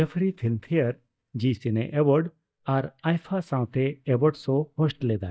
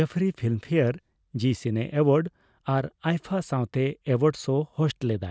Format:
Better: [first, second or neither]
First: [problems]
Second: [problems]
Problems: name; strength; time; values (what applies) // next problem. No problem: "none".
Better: second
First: noise reduction (neural mask model DeepFilterNet 3)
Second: none